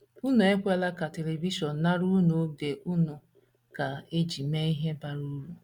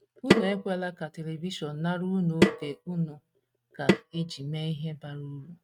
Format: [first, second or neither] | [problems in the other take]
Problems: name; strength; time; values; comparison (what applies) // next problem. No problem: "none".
first | noise reduction (neural mask model RNNoise)